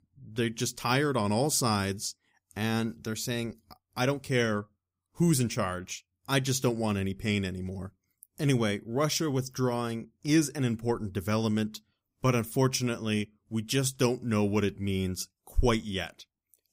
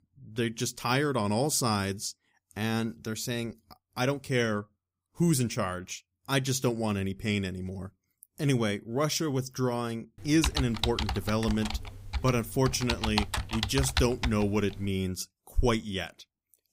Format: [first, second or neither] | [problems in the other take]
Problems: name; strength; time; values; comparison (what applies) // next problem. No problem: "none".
first | keyboard typing; noticeable; from 10 to 15 s; peak level with the speech